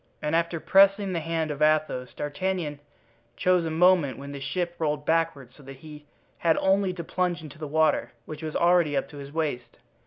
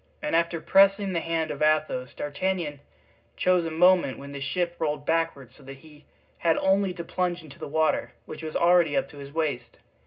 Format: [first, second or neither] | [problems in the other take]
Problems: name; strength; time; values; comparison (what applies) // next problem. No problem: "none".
first | room echo; dies away in 0.2 s